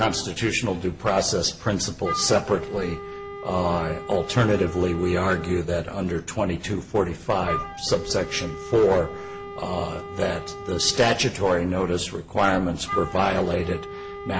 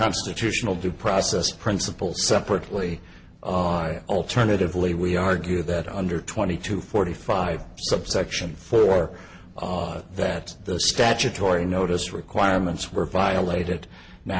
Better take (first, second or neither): second